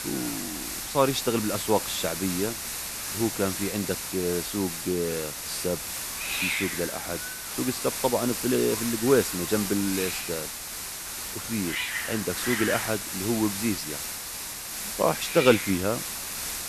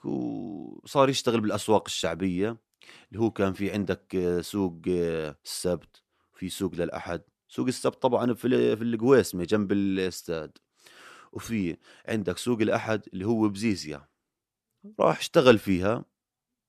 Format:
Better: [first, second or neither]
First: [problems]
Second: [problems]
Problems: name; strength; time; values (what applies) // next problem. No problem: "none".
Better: second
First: hiss; loud; throughout; 3 dB below the speech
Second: none